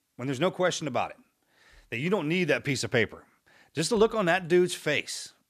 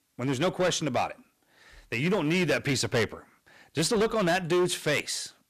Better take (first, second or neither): first